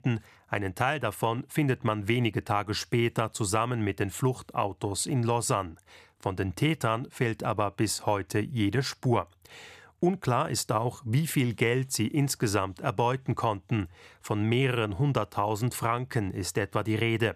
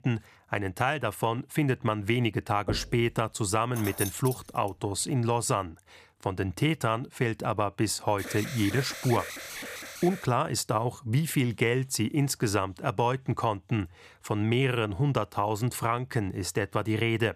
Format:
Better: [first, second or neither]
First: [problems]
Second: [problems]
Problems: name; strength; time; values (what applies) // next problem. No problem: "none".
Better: first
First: none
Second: door banging; noticeable; at 2.5 s; peak 8 dB below the speech // jangling keys; noticeable; at 4 s; peak 6 dB below the speech // alarm; noticeable; from 8 to 10 s; peak 8 dB below the speech